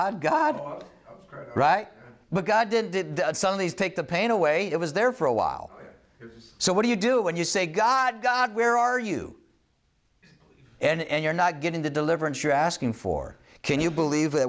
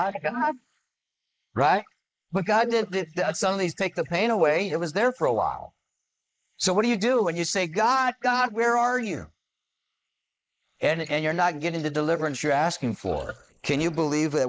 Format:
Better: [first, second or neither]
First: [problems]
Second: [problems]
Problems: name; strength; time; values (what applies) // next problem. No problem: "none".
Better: first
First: none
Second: noise reduction (neural mask model Resemble Enhance denoiser)